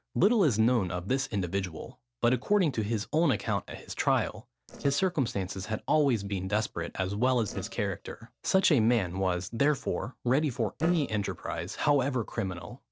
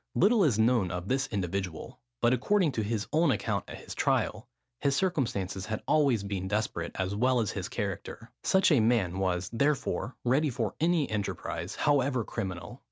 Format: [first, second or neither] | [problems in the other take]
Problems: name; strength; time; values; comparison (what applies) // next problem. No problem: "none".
second | noise reduction (neural separator model SepFormer DNS4)